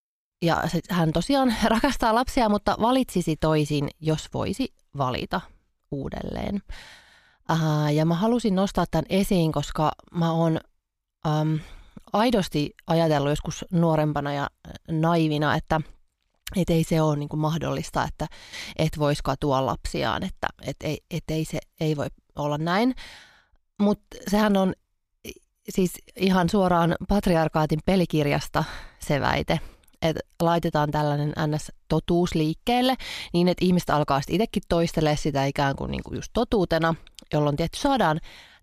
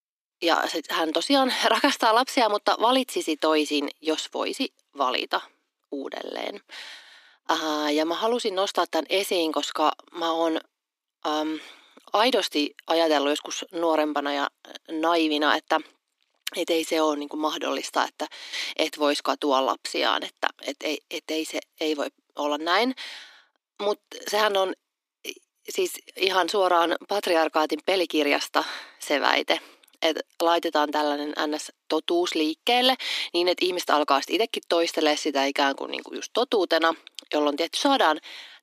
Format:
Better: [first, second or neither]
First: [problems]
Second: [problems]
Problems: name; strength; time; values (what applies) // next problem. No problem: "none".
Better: first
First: none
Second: thin; somewhat; fading below 300 Hz